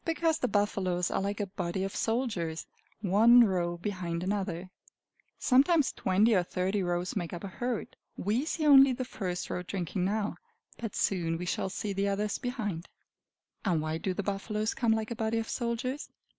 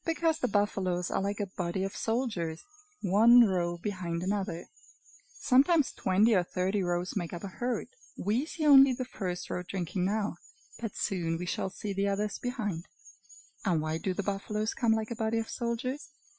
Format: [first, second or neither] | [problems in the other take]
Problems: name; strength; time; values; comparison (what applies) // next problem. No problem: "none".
first | noise reduction (classical method Wiener filter)